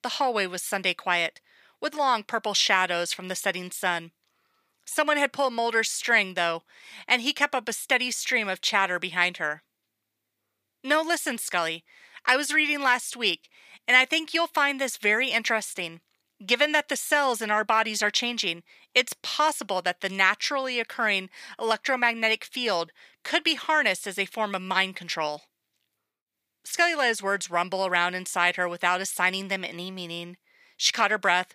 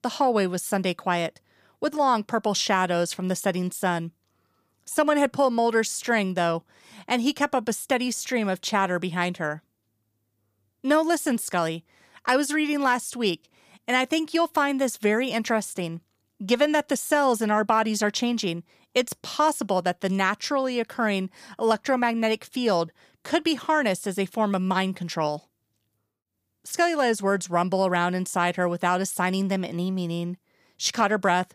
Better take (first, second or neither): second